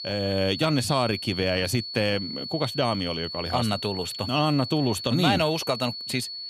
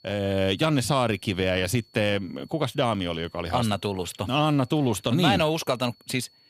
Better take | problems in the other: second | high-pitched whine; loud; throughout; 4.5 kHz, 7 dB below the speech; faint in the second

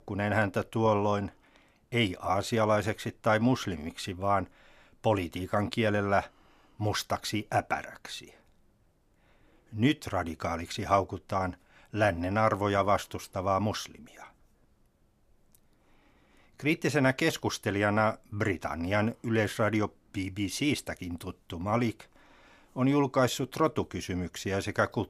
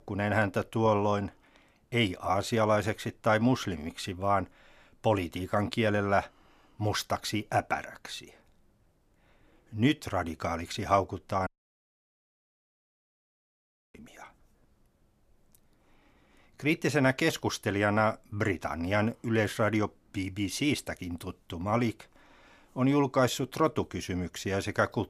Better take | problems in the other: first | audio cutting out; at 11 s for 2.5 s

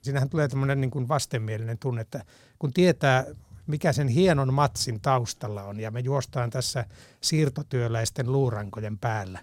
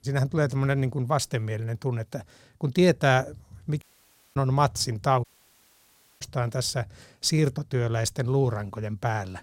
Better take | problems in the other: first | audio cutting out; at 4 s for 0.5 s and at 5 s for 1 s

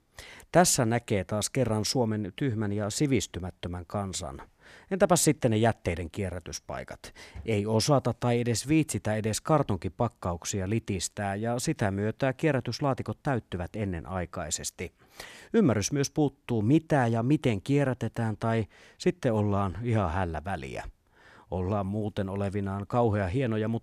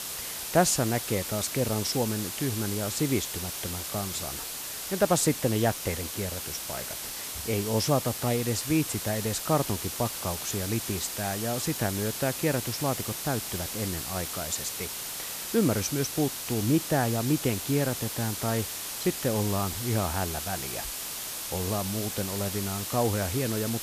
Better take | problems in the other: first | hiss; loud; throughout; 3 dB below the speech

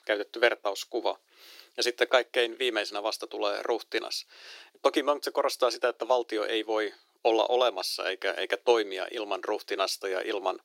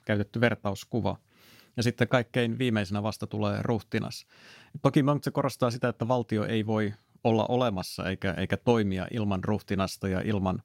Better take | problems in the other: second | thin; very; fading below 350 Hz

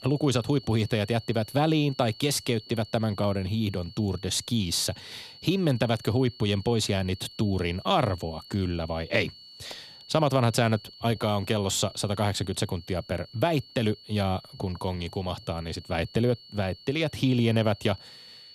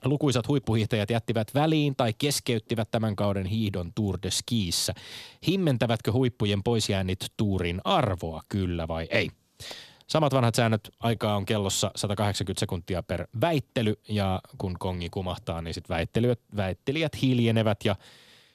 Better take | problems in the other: second | high-pitched whine; noticeable; throughout; 4.5 kHz, 20 dB below the speech

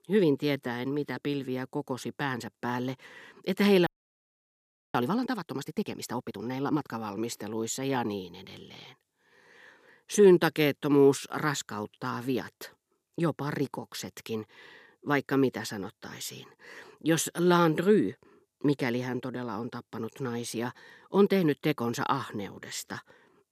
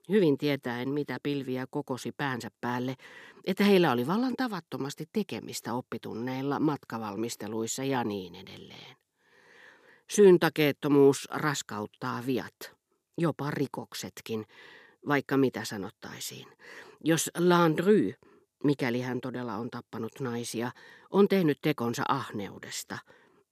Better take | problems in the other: second | audio freezing; at 4 s for 1 s

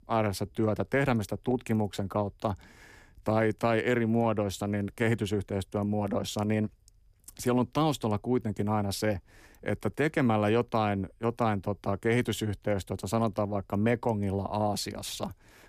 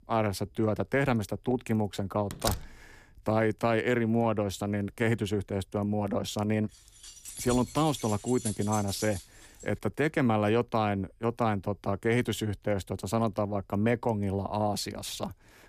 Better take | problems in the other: first | door banging; noticeable; at 2.5 s; peak 4 dB below the speech // jangling keys; noticeable; from 7 to 9.5 s; peak 7 dB below the speech

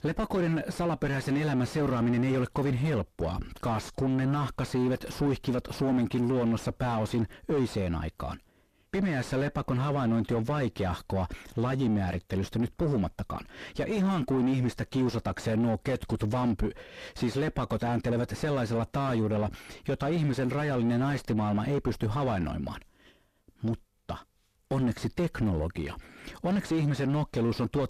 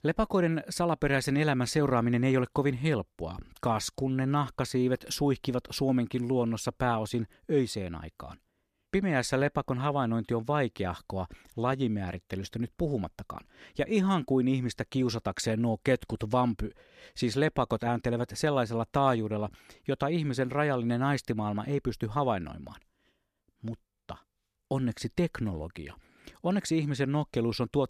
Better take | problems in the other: second | distortion; heavy; 4 dB below the speech

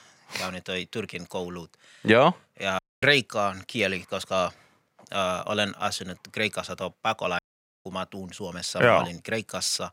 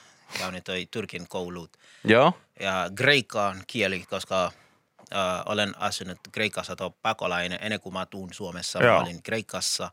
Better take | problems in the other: second | audio cutting out; at 3 s and at 7.5 s

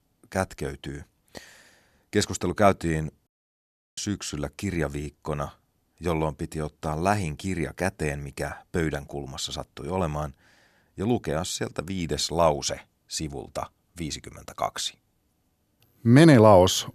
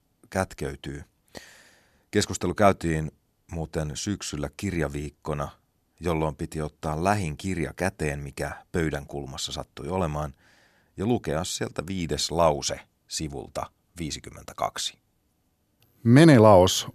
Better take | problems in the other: second | audio cutting out; at 3.5 s for 0.5 s

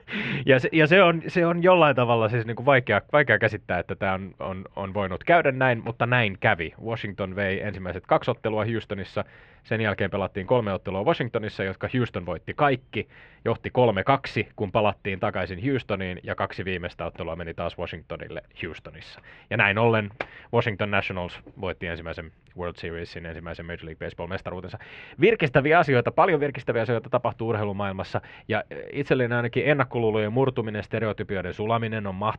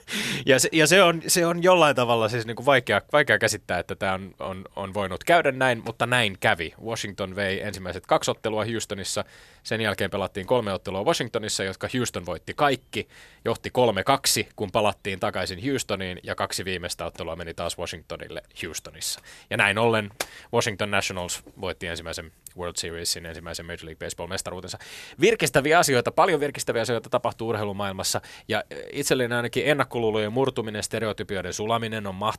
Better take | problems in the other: second | muffled; very; fading above 2.5 kHz

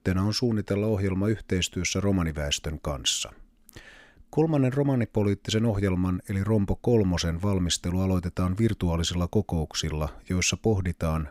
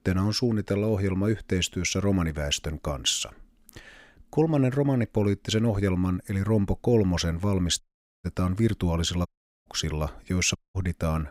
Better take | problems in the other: first | audio cutting out; at 8 s, at 9.5 s and at 11 s

